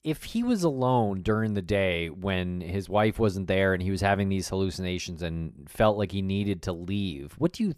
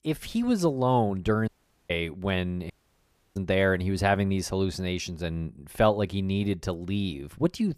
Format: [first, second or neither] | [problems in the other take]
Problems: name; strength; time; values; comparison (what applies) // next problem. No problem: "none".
first | audio cutting out; at 1.5 s and at 2.5 s for 0.5 s